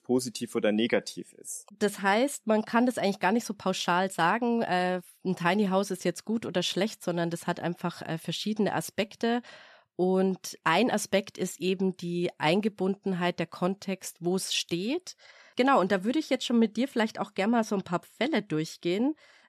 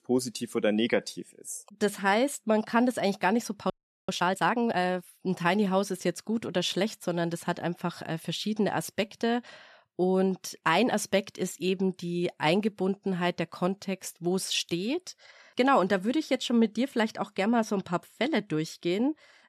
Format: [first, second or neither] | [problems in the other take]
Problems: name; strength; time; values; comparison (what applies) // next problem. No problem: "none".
first | audio freezing; at 3.5 s